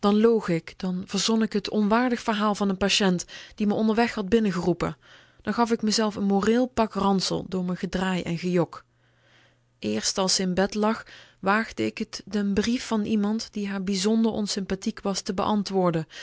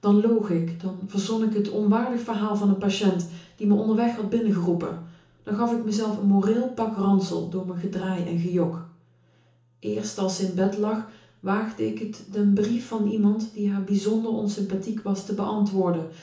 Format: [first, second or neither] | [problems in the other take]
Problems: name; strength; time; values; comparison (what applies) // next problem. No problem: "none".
first | room echo; dies away in 0.8 s